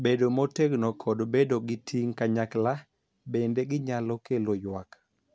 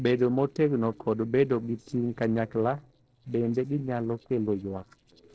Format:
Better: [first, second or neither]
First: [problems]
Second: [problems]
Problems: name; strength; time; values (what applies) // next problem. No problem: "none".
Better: first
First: none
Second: noise reduction (neural separator model SepFormer DNS4)